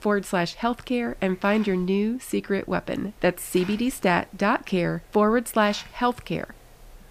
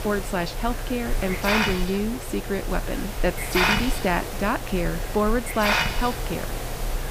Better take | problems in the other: first | hiss; loud; throughout; 1 dB below the speech; faint in the first

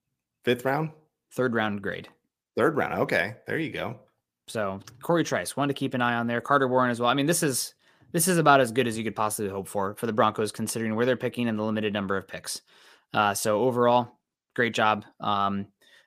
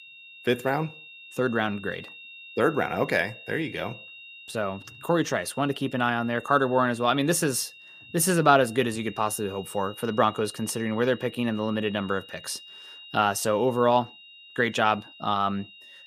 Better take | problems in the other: first | high-pitched whine; noticeable; throughout; 2.5 kHz, 20 dB below the speech

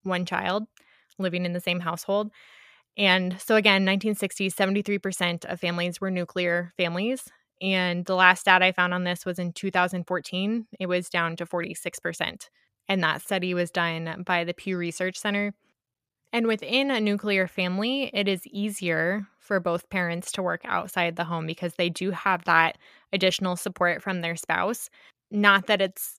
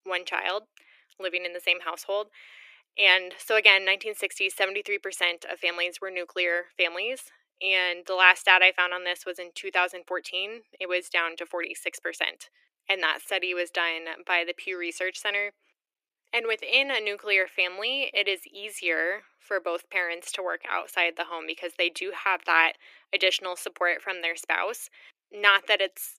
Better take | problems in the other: first | thin; very; fading below 300 Hz

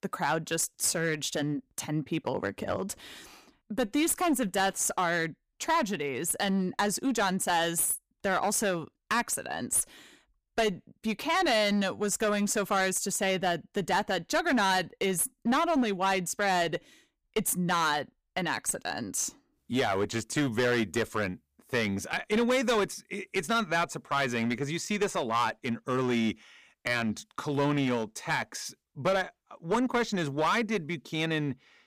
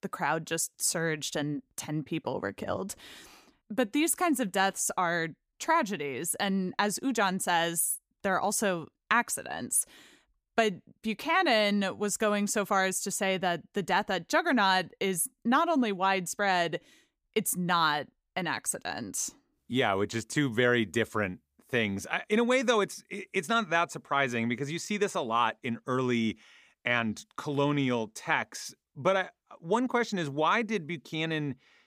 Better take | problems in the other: second | distortion; slight; 7% of the sound clipped

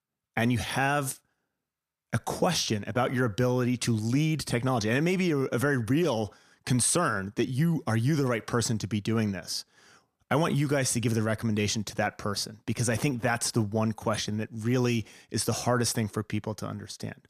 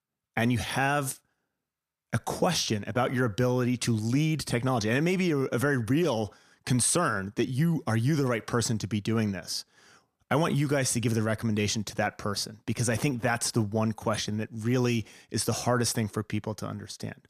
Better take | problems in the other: neither | none

